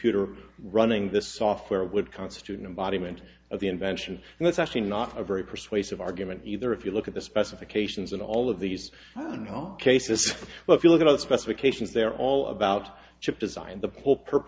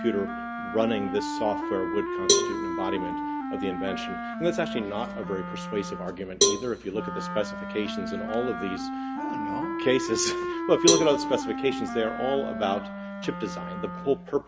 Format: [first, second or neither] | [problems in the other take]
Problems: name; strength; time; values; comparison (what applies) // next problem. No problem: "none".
first | background sound (Cowbell + Wind instrument, woodwind instrument); 1 dB below the speech